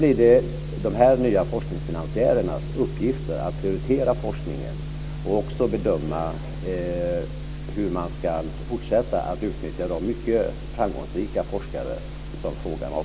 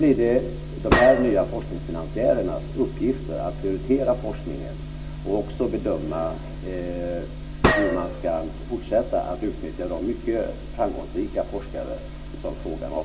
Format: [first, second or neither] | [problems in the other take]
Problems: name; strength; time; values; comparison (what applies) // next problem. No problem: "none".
first | background sound (Gunshot, gunfire); 1 dB below the speech // room echo; dies away in 0.6 s